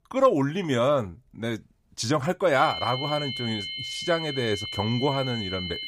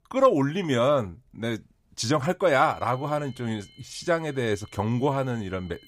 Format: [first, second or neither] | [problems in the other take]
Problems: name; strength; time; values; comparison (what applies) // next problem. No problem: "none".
second | high-pitched whine; loud; from 2.5 s on; 3 kHz, 5 dB below the speech; faint in the second